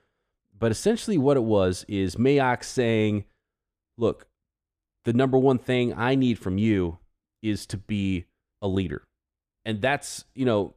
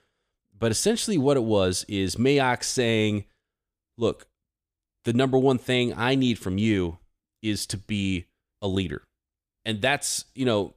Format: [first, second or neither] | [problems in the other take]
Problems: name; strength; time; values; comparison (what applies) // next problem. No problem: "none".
second | muffled; slightly; fading above 2.5 kHz